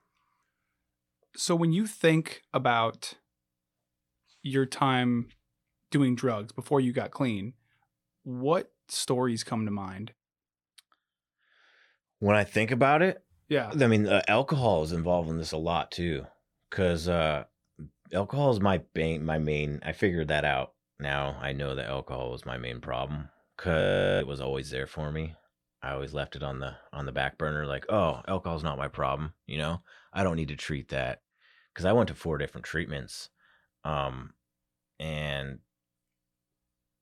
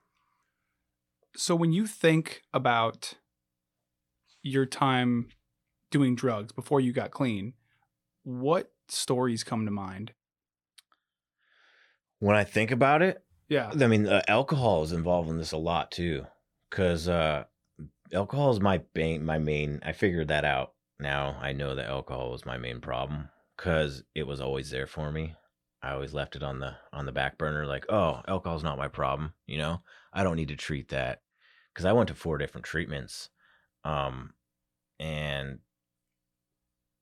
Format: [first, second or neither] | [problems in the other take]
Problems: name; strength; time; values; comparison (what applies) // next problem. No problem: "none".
second | audio freezing; at 24 s